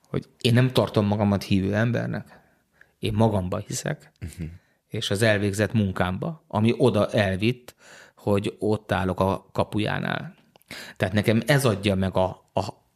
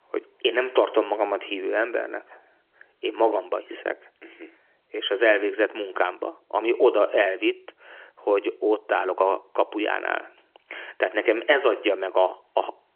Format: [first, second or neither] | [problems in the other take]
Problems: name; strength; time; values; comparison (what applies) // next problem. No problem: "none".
first | phone-call audio; nothing above 3.5 kHz